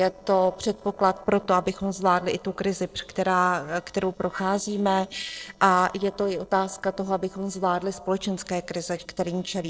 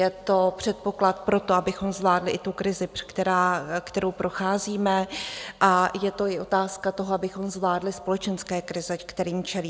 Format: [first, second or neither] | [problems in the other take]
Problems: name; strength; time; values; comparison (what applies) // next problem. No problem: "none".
second | noise reduction (neural separator model SepFormer DNS4)